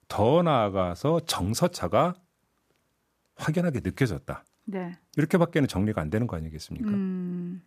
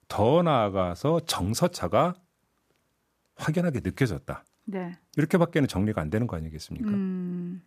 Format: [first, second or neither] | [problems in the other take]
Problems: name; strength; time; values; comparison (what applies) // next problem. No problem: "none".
neither | none